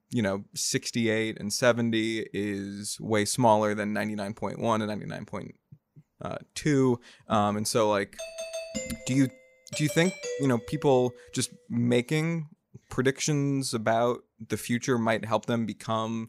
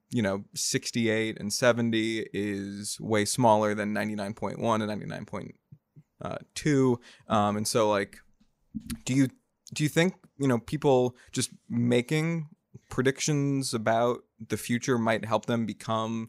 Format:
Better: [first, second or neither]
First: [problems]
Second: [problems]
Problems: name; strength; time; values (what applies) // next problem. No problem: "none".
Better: second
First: doorbell; noticeable; from 8 to 11 s; peak 7 dB below the speech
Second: none